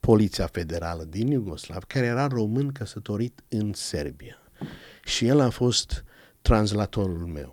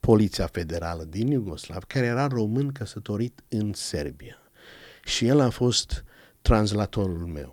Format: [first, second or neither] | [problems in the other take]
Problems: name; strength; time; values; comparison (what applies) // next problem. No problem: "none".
second | footsteps; faint; at 4.5 s; peak 15 dB below the speech